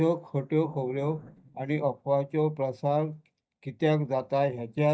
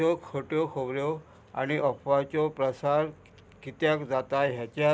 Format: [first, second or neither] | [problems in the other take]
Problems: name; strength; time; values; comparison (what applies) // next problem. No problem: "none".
second | noise reduction (neural mask model DeepFilterNet 3)